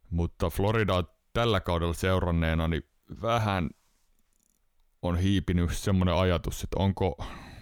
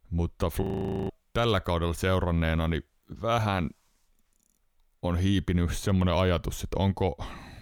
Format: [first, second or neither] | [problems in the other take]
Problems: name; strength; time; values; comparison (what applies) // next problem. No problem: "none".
first | audio freezing; at 0.5 s